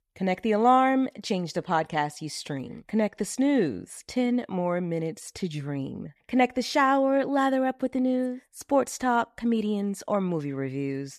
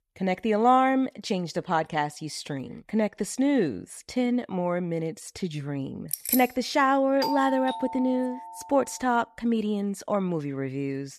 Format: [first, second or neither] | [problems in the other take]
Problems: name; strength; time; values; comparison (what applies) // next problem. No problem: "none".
first | jangling keys; noticeable; at 6 s; peak 1 dB below the speech // doorbell; noticeable; from 7 to 9 s; peak 4 dB below the speech